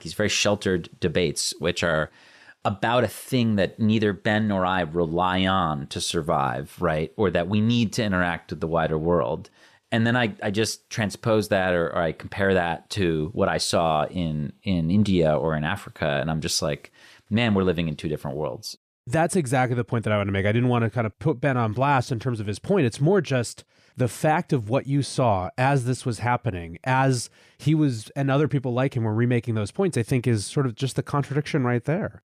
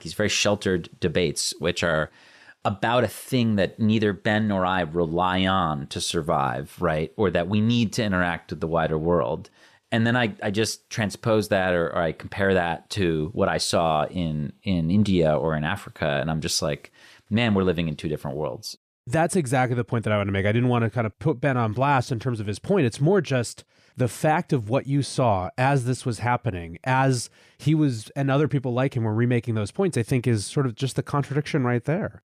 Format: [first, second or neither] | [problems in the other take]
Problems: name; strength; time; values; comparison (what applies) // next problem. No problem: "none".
neither | none